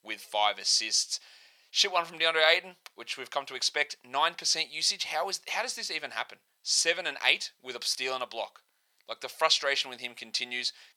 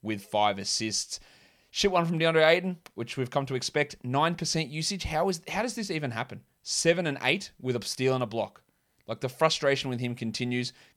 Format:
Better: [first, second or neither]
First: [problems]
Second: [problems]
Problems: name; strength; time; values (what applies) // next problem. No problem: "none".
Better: second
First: thin; very; fading below 800 Hz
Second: none